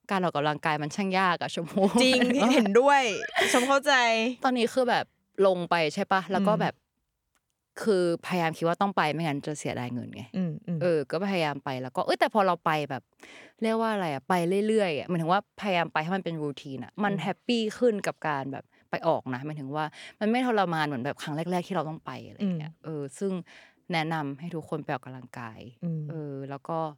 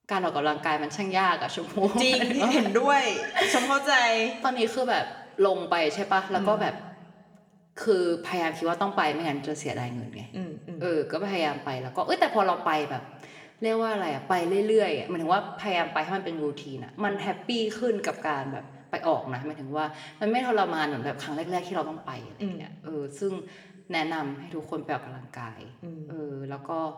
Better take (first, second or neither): first